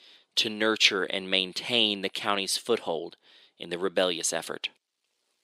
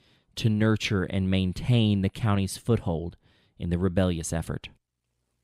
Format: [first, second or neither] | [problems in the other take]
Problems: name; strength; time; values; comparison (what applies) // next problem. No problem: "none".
second | thin; very; fading below 350 Hz